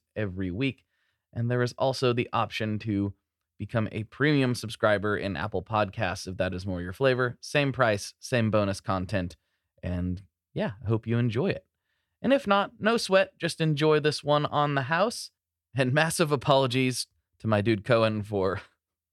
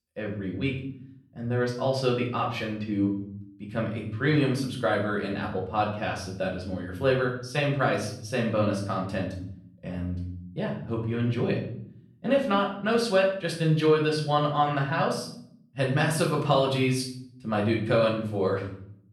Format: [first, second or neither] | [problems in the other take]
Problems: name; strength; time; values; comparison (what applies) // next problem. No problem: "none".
first | room echo; noticeable; dies away in 0.6 s // off-mic speech; far